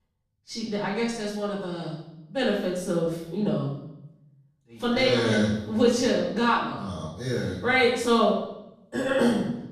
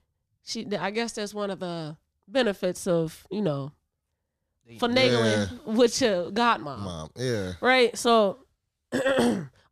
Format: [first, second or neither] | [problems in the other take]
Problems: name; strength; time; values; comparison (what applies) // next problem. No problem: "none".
second | off-mic speech; far // room echo; noticeable; dies away in 0.8 s